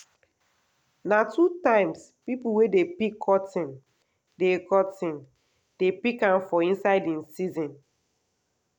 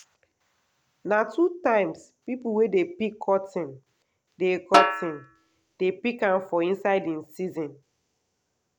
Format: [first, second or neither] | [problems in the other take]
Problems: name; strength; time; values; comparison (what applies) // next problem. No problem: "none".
first | background sound (Snare drum); 1 dB above the speech